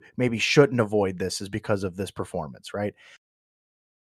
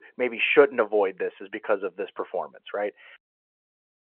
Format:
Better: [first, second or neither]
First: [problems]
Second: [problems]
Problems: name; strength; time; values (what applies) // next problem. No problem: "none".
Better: first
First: none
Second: phone-call audio; nothing above 3 kHz